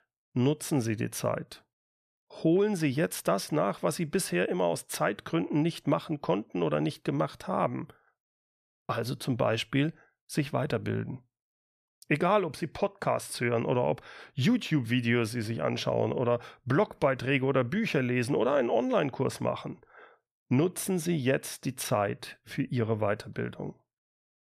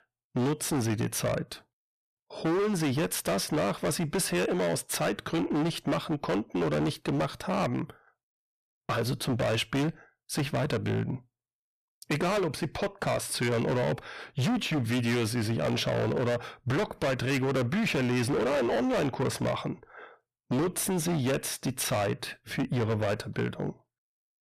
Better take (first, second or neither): first